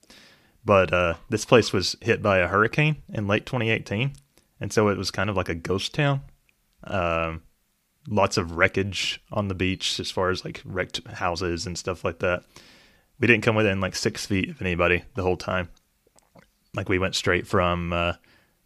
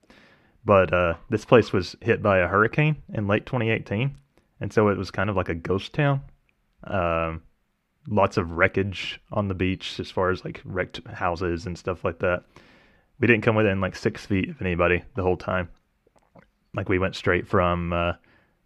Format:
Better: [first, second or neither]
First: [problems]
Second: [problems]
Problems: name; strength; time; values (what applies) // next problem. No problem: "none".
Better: first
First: none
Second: muffled; slightly; fading above 3.5 kHz